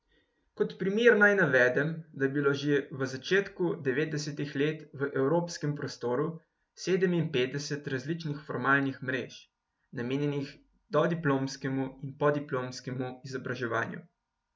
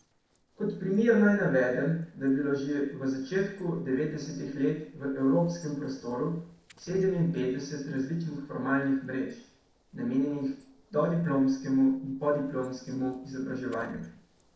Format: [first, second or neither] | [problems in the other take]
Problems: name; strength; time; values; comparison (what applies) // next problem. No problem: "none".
first | noise reduction (neural separator model SepFormer DNS4)